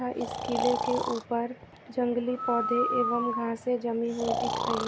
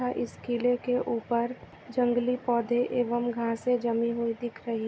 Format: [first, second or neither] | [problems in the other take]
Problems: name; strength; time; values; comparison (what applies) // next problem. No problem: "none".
second | background sound (Breathing); 2 dB below the speech